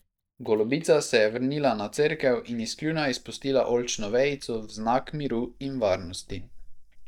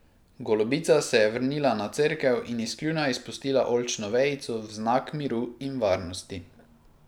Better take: second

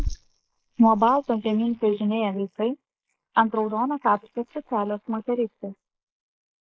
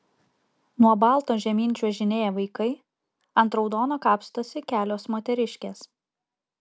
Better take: second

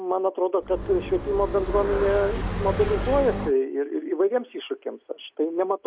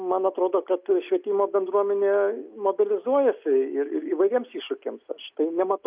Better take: second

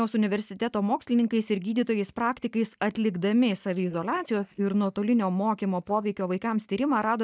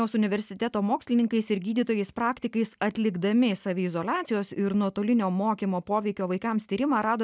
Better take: second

